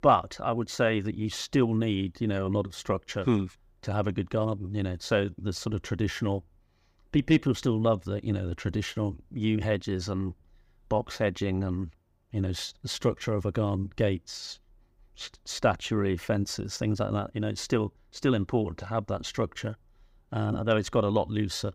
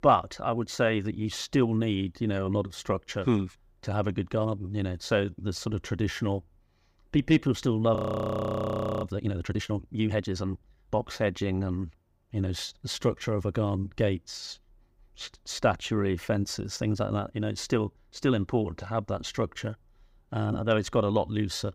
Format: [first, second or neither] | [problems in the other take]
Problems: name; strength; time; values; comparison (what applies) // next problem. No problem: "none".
first | audio freezing; at 8 s for 1 s